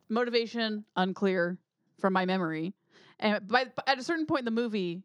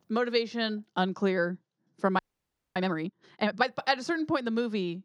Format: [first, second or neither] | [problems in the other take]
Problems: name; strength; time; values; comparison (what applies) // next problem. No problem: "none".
first | audio freezing; at 2 s for 0.5 s